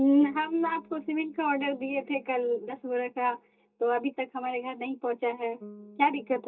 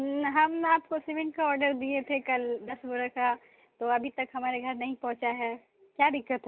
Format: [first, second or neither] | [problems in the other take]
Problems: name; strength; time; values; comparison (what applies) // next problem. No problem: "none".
second | noise reduction (neural mask model DeepFilterNet 3)